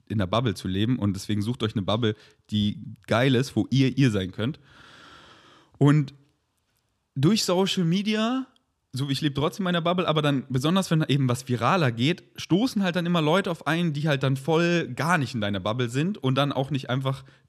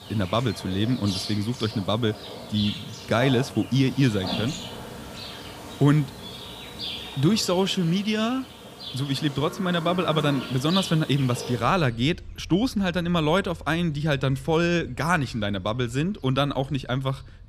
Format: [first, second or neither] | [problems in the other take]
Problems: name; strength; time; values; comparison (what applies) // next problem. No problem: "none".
first | animal sounds; noticeable; throughout; 10 dB below the speech